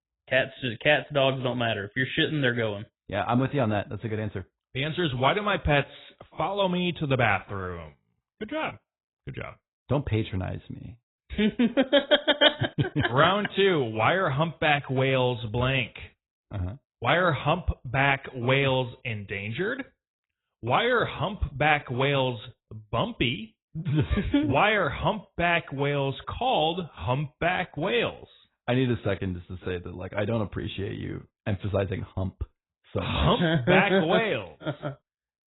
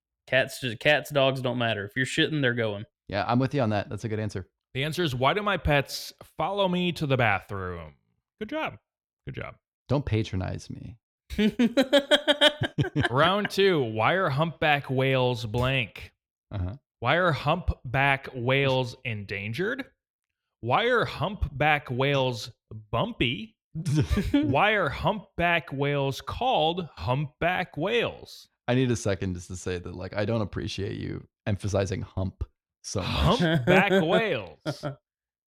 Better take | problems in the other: second | garbled, watery; badly; nothing above 3.5 kHz

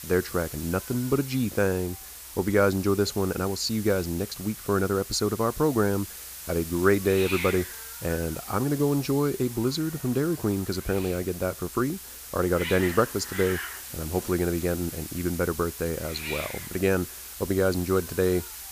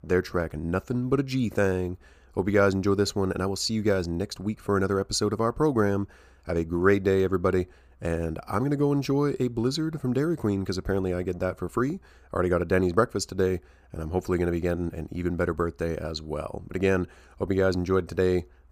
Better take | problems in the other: second | hiss; loud; throughout; 10 dB below the speech

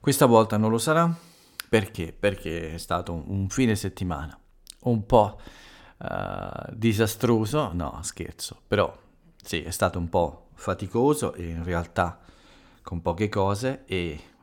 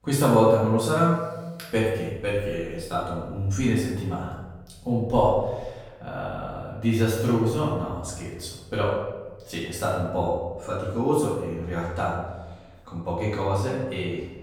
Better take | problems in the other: first | off-mic speech; far // room echo; noticeable; dies away in 1 s

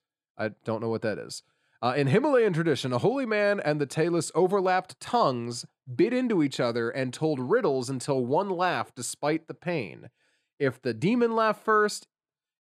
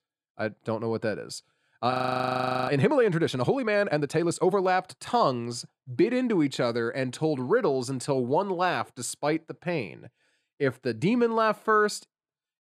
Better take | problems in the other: first | audio freezing; at 2 s for 1 s

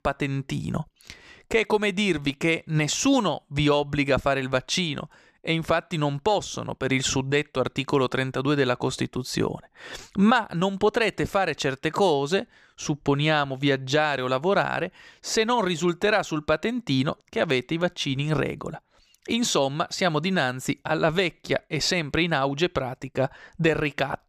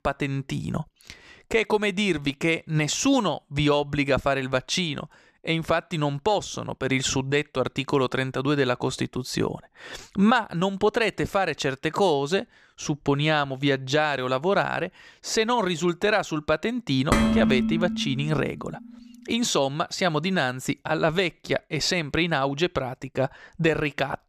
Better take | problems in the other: first | clattering dishes; loud; from 17 to 18 s; peak 4 dB above the speech

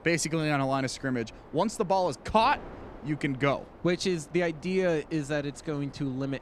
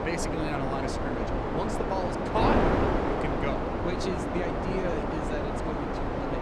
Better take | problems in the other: first | wind noise on the microphone; heavy; 5 dB above the speech; occasional gusts in the first

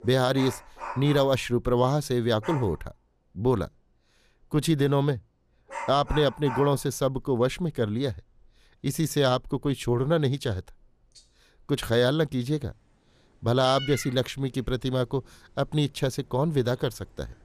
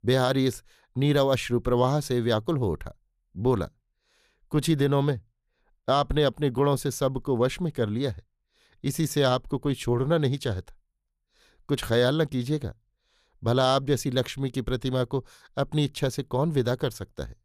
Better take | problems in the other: second | animal sounds; noticeable; throughout; 10 dB below the speech

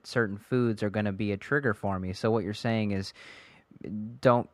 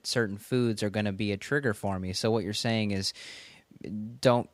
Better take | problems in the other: second | muffled; slightly; fading above 3 kHz

